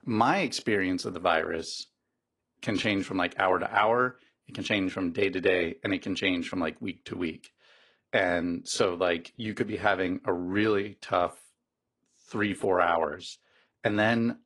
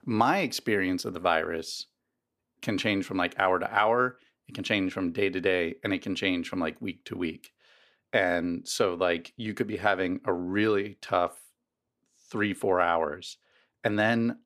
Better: second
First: garbled, watery; slightly; nothing above 10.5 kHz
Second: none

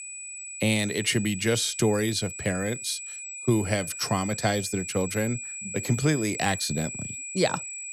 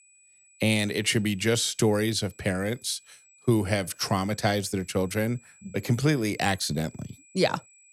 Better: second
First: high-pitched whine; loud; throughout; 8 kHz, 7 dB below the speech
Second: high-pitched whine; faint; throughout; 8 kHz, 30 dB below the speech

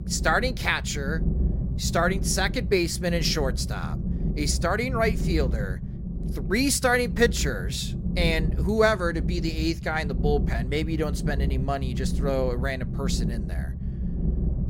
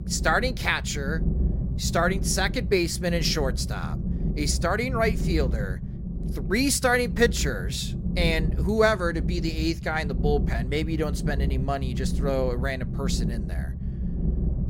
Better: neither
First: low rumble; noticeable; throughout; 15 dB below the speech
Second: low rumble; noticeable; throughout; 15 dB below the speech

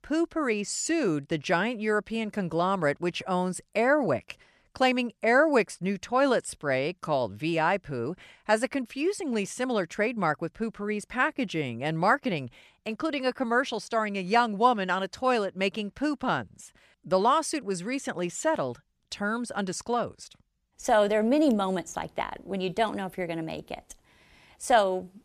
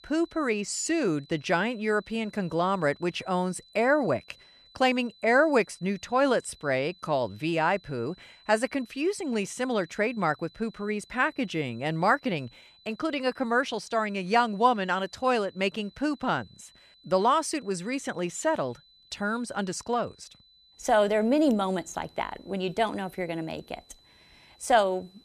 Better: first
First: none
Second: high-pitched whine; faint; throughout; 4 kHz, 30 dB below the speech

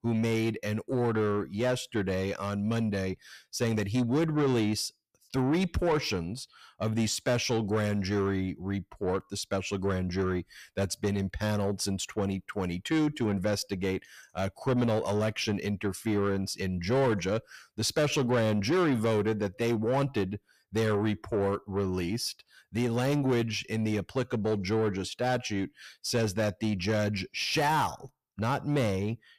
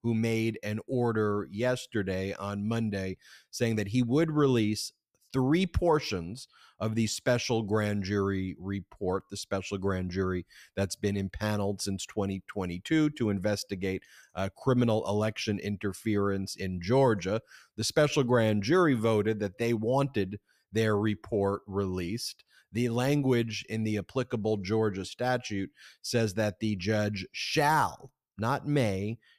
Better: second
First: distortion; slight; 10 dB below the speech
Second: none

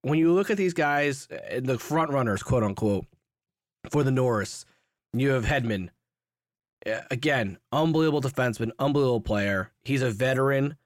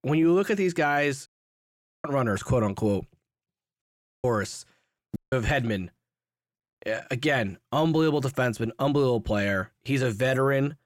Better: first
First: none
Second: audio cutting out; at 1.5 s for 1 s, at 4 s and at 5 s

